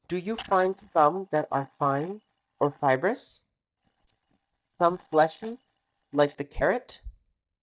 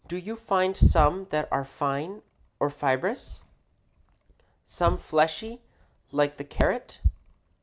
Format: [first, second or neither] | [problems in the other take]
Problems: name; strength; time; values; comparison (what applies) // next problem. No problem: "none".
second | noise reduction (neural mask model DeepFilterNet 3)